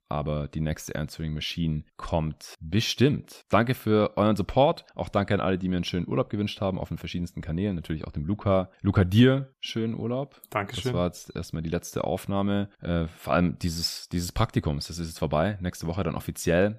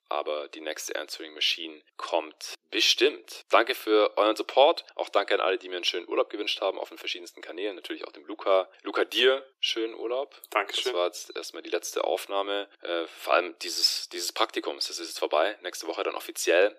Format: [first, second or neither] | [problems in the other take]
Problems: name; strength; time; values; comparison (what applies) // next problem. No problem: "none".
first | thin; very; fading below 350 Hz